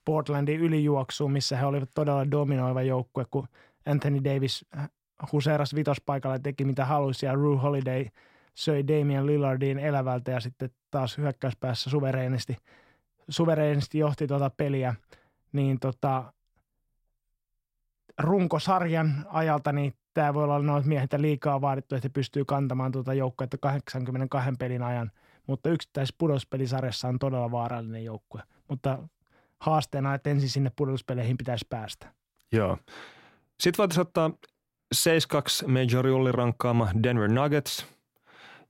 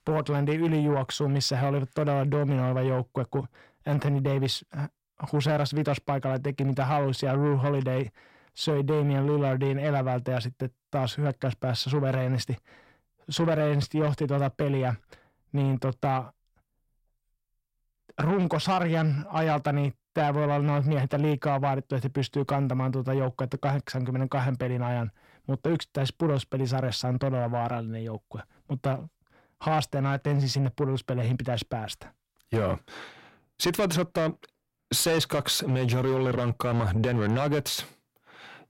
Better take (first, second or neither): first